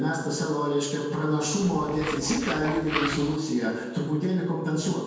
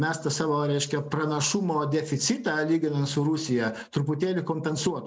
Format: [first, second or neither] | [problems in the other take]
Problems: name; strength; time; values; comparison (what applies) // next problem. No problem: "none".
second | background sound (Tools); 7 dB below the speech // room echo; dies away in 1.1 s